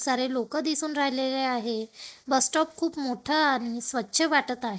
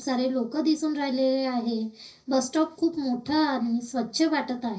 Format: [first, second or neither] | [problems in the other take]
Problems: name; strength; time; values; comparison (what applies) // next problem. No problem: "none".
first | room echo; dies away in 0.4 s